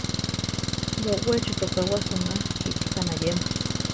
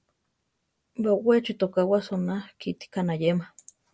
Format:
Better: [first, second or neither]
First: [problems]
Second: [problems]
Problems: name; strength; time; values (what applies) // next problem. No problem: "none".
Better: second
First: background sound (Engine); 3 dB above the speech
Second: none